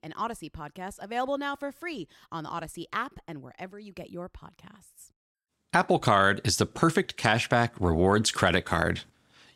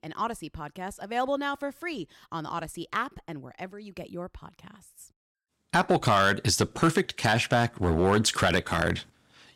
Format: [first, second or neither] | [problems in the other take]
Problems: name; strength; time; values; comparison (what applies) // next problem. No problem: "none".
first | distortion; slight; 1.5% of the sound clipped